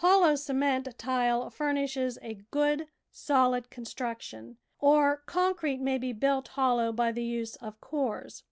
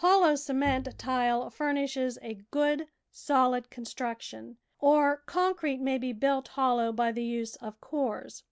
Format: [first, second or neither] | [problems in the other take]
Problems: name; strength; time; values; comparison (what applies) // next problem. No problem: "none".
first | background sound (Bowed string instrument); 16 dB below the speech